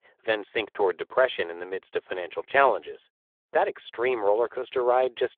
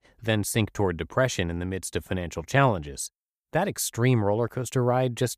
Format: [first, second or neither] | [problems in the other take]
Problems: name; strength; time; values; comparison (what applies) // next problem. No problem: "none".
second | phone-call audio; nothing above 3.5 kHz